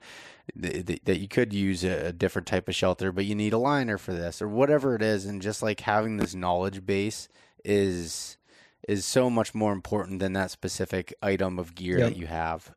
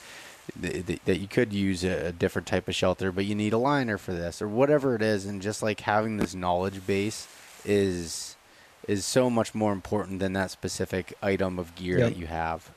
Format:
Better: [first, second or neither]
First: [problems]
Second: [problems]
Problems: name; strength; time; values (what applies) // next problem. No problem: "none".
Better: first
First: none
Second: hiss; faint; throughout; 25 dB below the speech